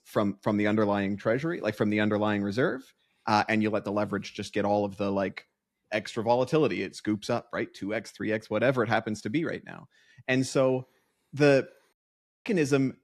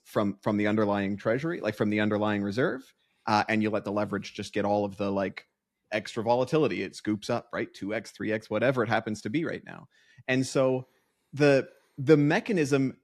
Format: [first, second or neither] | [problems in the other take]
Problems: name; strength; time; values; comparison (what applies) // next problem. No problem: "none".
second | audio cutting out; at 12 s for 0.5 s